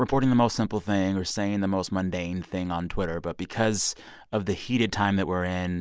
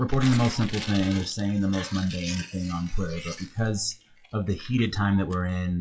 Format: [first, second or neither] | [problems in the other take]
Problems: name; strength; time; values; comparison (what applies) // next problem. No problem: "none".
first | noise reduction (classical method WPE with log-MMSE)